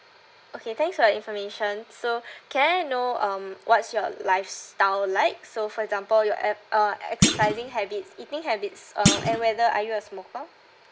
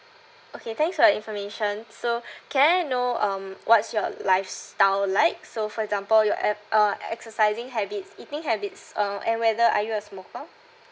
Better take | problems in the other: second | background sound (Thump, thud); 1 dB below the speech

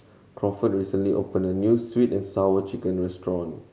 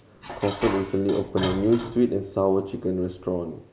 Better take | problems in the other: first | background sound (Dishes, pots, and pans); 12 dB below the speech

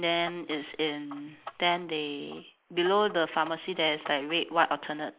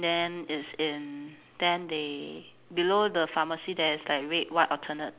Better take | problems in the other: second | noise reduction (neural mask model Resemble Enhance denoiser)

